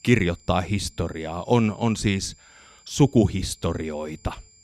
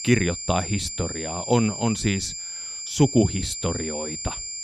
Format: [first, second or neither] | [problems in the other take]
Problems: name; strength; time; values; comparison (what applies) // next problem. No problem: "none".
first | high-pitched whine; loud; throughout; 7 kHz, 6 dB below the speech; faint in the first